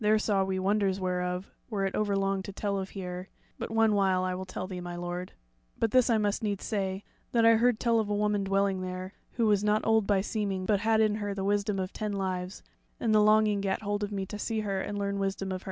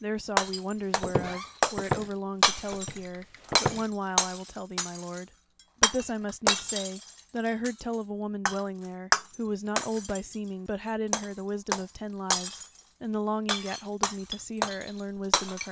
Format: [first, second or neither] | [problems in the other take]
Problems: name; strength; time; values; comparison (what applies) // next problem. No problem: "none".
first | background sound (Shatter + Walk, footsteps); 2 dB above the speech